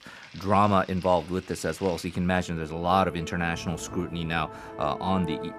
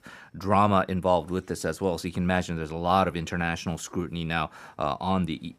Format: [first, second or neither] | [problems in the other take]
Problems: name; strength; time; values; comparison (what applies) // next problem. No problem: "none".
second | background music; noticeable; throughout; 15 dB below the speech